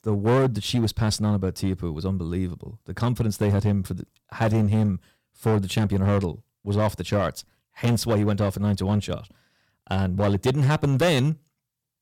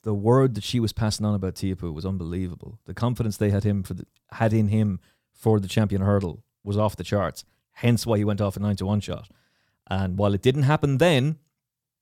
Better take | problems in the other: second | distortion; slight; 8% of the sound clipped

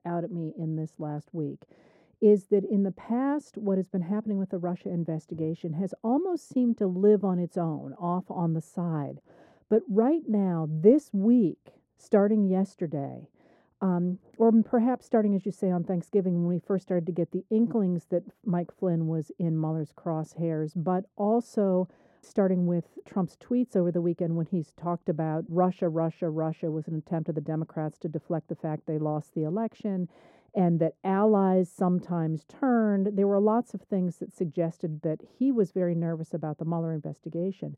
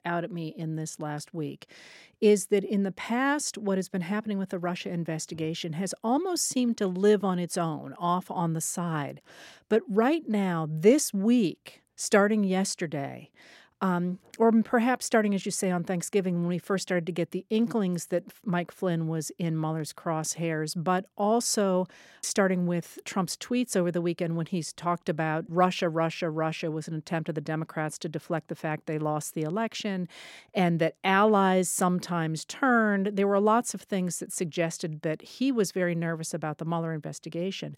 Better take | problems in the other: second | muffled; very; fading above 1.5 kHz

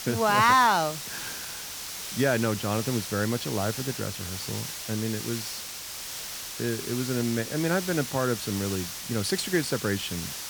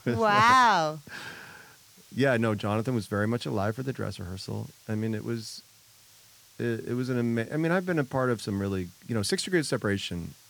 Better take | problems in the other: second | hiss; loud; throughout; 7 dB below the speech; faint in the second

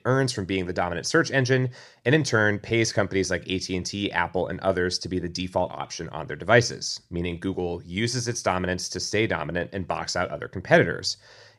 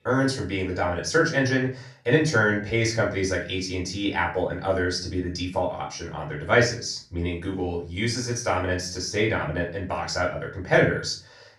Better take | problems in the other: first | room echo; slight; dies away in 0.3 s // off-mic speech; far

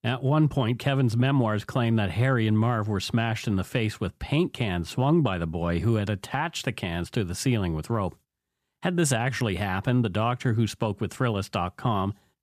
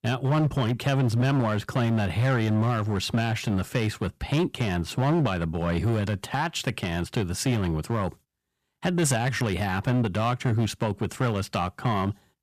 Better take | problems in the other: first | distortion; slight; 9% of the sound clipped

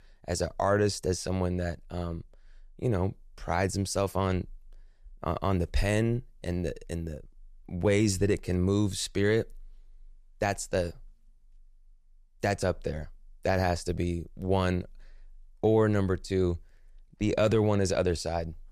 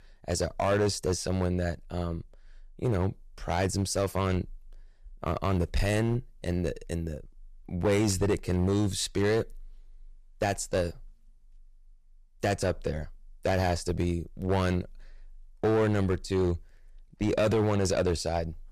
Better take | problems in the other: first | distortion; slight; 6% of the sound clipped

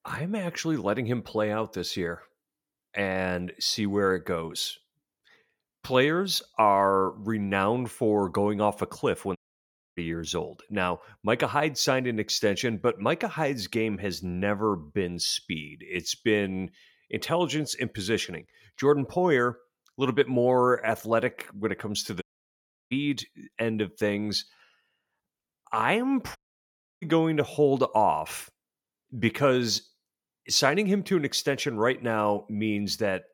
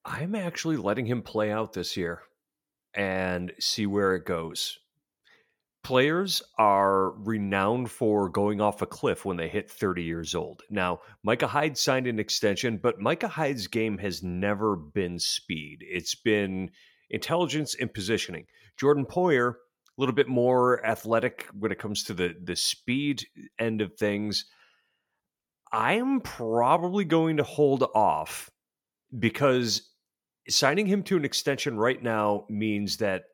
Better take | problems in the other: second | audio cutting out; at 9.5 s for 0.5 s, at 22 s for 0.5 s and at 26 s for 0.5 s

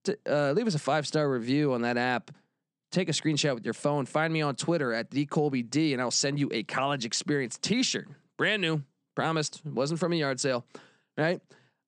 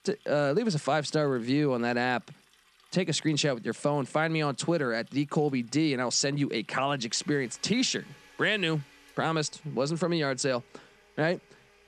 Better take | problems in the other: first | household noises; faint; throughout; 30 dB below the speech

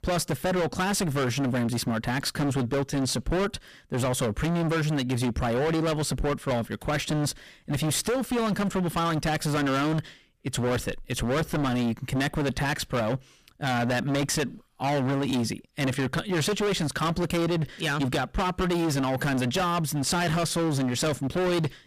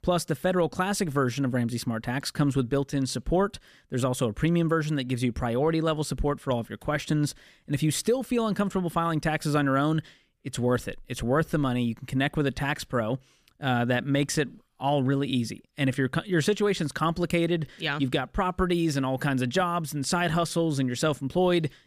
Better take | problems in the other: second | distortion; heavy; 31% of the sound clipped

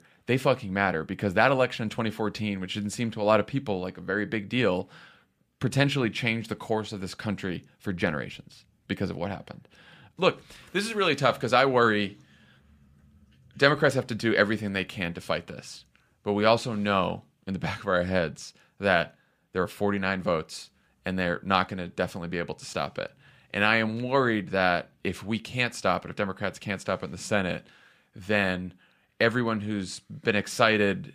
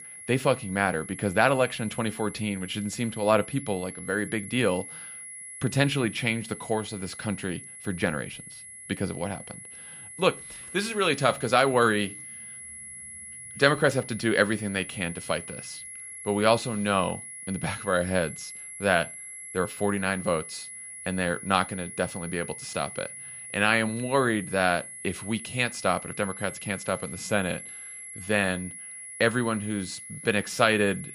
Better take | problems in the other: first | high-pitched whine; noticeable; throughout; 10.5 kHz, 10 dB below the speech

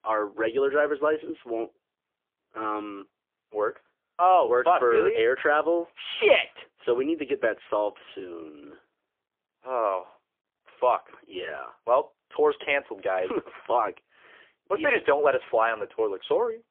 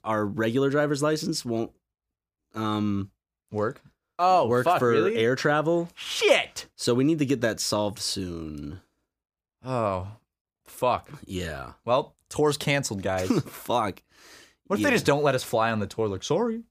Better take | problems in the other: second | phone-call audio; poor line; nothing above 3.5 kHz

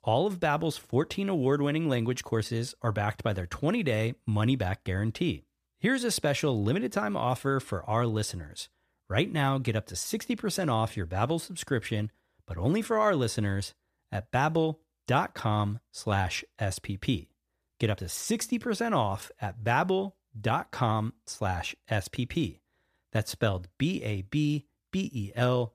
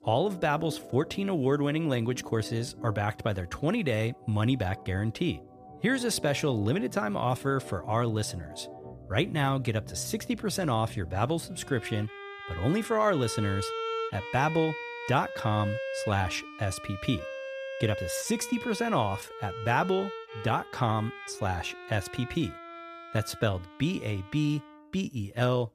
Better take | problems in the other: first | background music; noticeable; throughout; 10 dB below the speech

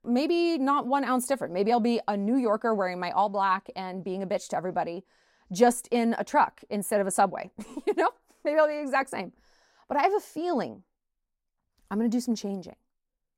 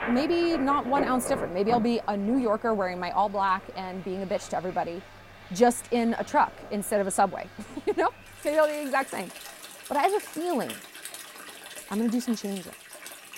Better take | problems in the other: first | rain or running water; noticeable; throughout; 15 dB below the speech

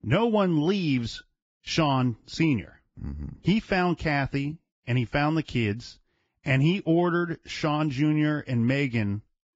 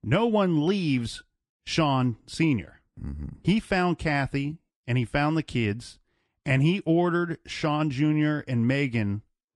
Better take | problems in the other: second | garbled, watery; badly; nothing above 7.5 kHz; slightly in the second

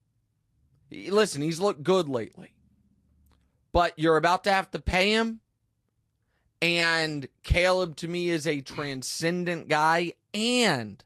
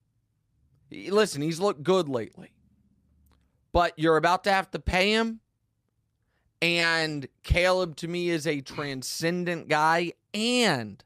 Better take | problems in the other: second | garbled, watery; slightly; nothing above 13 kHz

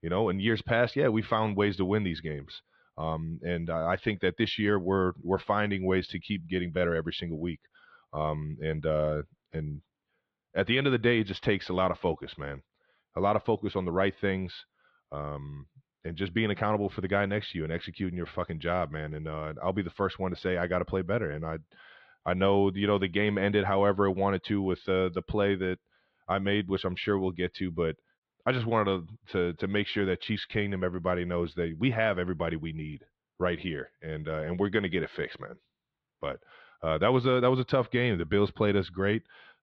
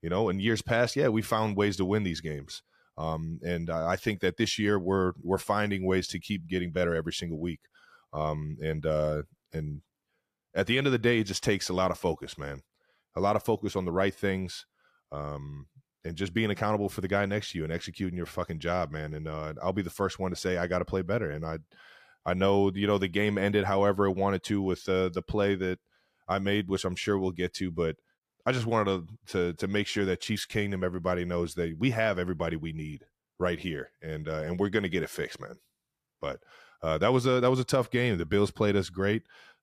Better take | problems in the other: second | muffled; slightly; fading above 4 kHz

